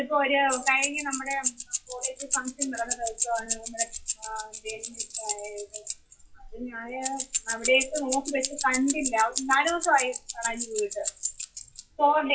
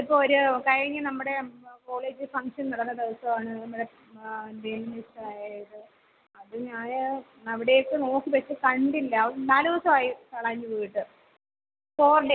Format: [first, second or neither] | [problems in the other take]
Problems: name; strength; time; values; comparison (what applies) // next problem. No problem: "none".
second | noise reduction (classical method WPE with log-MMSE)